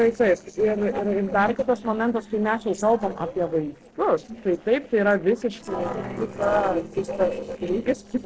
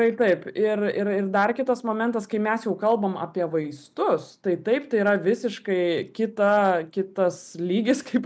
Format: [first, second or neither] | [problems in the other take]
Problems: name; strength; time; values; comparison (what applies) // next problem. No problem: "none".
second | noise reduction (neural separator model SepFormer DNS4)